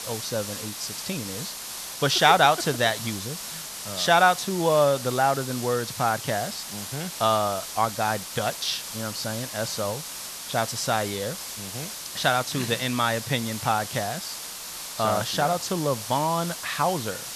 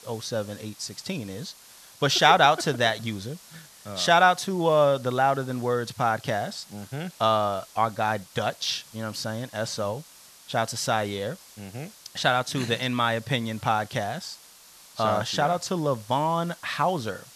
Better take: second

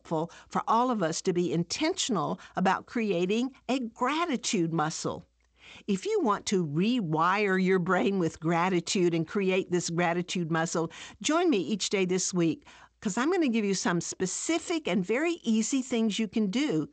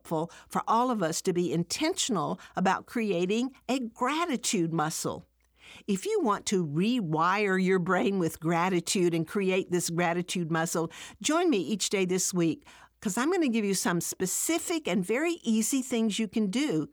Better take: second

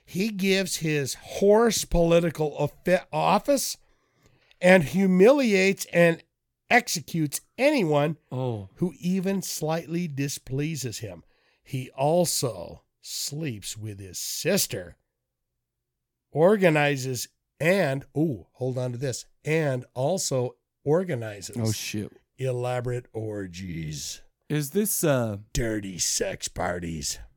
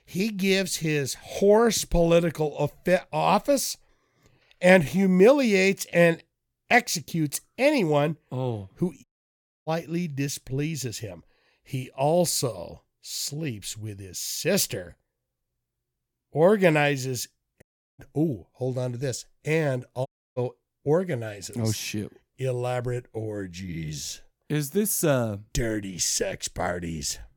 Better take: first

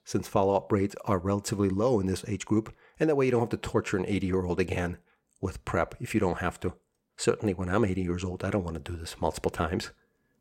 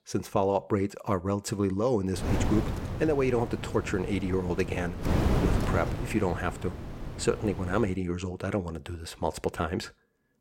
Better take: first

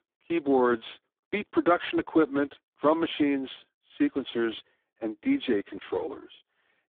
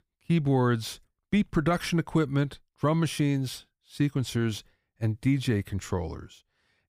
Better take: second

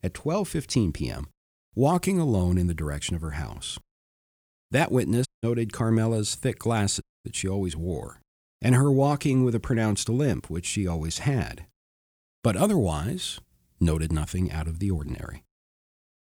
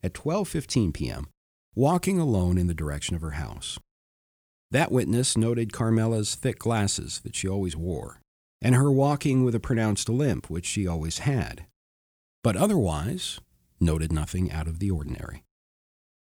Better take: second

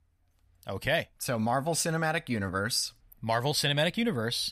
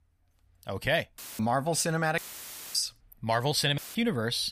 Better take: first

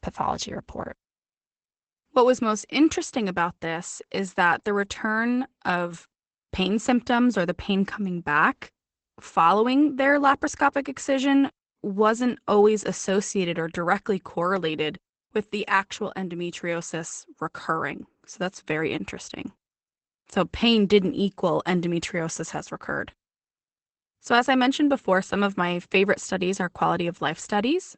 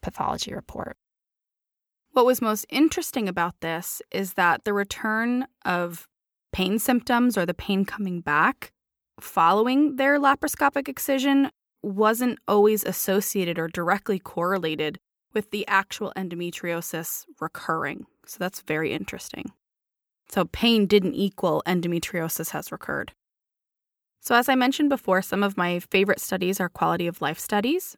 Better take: second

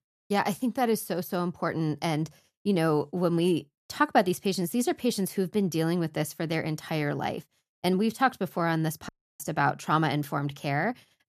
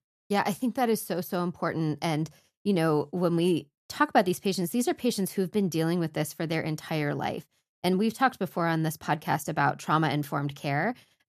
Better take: second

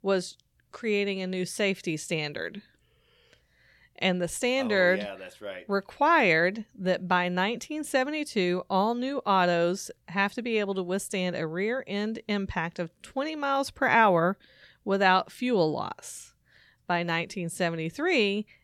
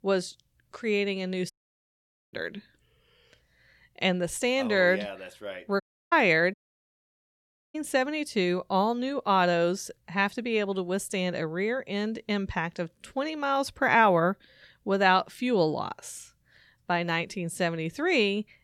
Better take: first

